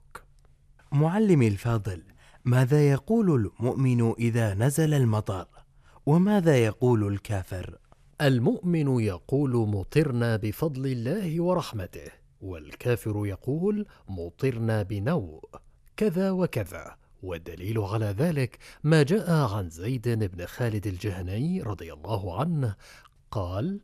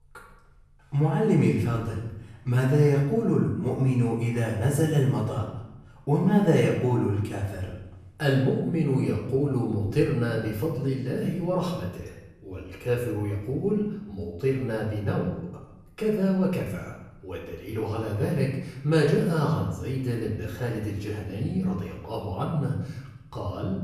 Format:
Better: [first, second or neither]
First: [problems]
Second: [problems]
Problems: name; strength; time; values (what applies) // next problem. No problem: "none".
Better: first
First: none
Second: off-mic speech; far // room echo; noticeable; dies away in 0.7 s